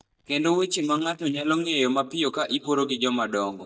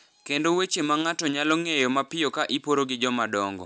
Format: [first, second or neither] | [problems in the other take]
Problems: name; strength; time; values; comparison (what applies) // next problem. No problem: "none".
second | noise reduction (neural mask model DeepFilterNet 3)